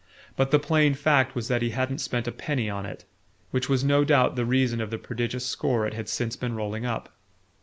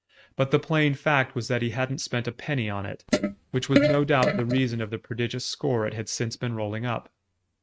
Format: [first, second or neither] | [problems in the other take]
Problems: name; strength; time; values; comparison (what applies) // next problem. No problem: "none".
first | noise reduction (neural mask model RNNoise)